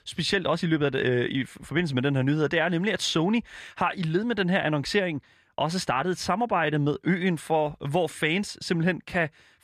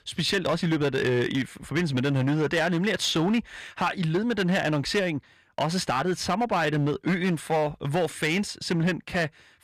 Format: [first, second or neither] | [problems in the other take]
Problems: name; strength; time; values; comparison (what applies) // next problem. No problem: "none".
first | distortion; slight; 10% of the sound clipped